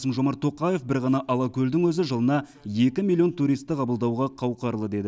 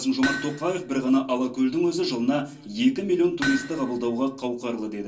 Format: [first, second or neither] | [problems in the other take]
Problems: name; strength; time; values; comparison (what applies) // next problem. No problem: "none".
first | background sound (Hammer); 11 dB below the speech // room echo; dies away in 0.3 s